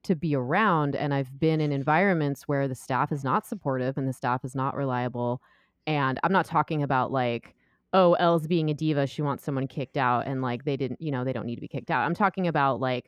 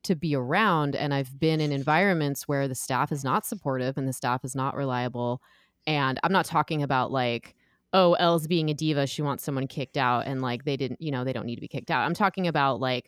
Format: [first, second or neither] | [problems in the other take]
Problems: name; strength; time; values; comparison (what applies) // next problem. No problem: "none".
second | muffled; slightly; fading above 3 kHz